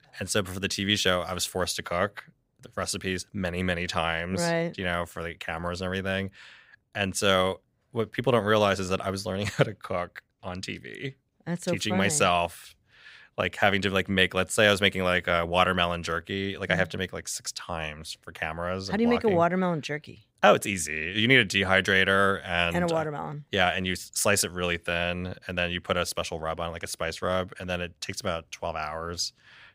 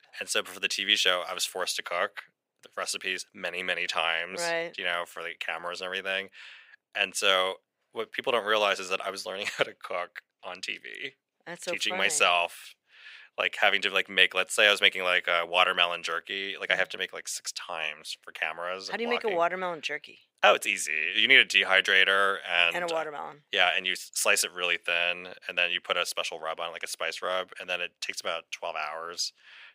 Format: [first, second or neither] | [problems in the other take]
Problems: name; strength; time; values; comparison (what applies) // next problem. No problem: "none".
first | thin; very; fading below 450 Hz